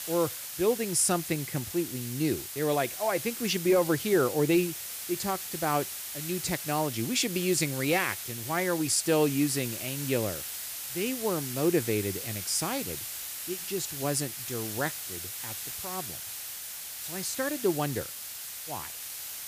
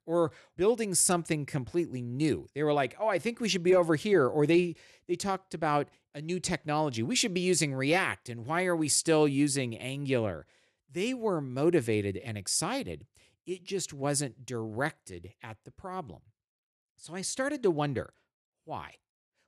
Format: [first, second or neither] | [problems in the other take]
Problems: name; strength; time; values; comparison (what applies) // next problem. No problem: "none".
second | hiss; loud; throughout; 6 dB below the speech